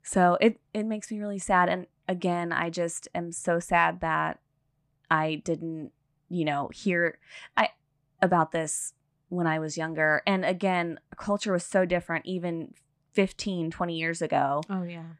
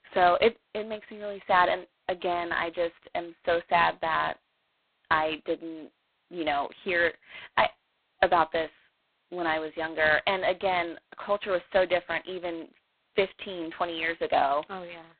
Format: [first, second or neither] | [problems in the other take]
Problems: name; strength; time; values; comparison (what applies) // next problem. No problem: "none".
first | phone-call audio; poor line; nothing above 4 kHz